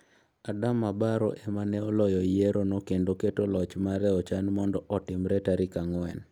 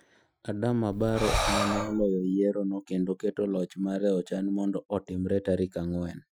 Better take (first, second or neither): first